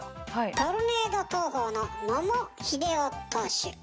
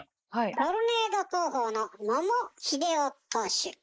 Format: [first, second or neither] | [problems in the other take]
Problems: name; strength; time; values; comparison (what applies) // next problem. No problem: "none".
first | noise reduction (neural mask model Resemble Enhance denoiser)